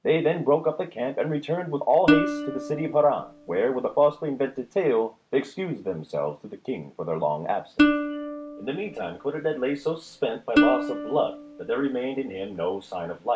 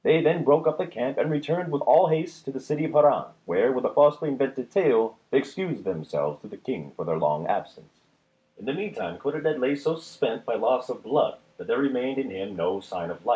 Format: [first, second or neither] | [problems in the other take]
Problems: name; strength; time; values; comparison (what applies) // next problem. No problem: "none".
second | background sound (Plucked string instrument); 2 dB below the speech